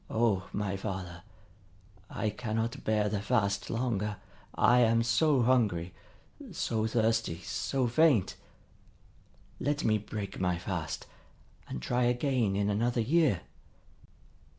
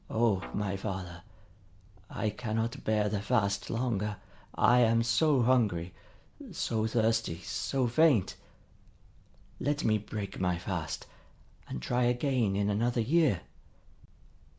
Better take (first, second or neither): first